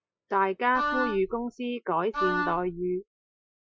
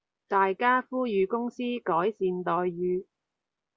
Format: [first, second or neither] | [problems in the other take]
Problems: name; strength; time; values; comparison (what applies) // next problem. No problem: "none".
second | noise reduction (classical method Wiener filter)